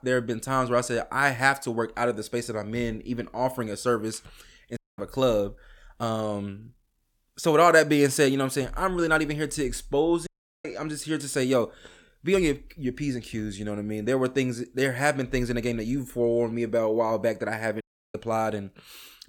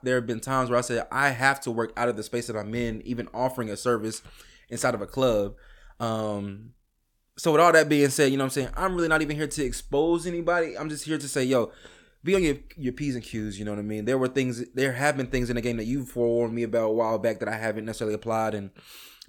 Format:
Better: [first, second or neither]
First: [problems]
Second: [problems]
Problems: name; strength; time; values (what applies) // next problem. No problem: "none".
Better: second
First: audio cutting out; at 5 s, at 10 s and at 18 s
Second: none